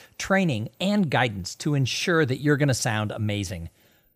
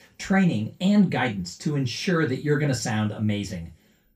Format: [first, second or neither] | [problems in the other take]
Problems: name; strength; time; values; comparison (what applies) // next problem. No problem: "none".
first | room echo; slight; dies away in 0.2 s // off-mic speech; far